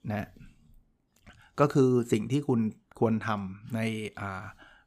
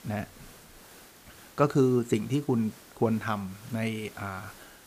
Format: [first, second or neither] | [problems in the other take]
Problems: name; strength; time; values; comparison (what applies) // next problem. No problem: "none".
first | hiss; faint; throughout; 20 dB below the speech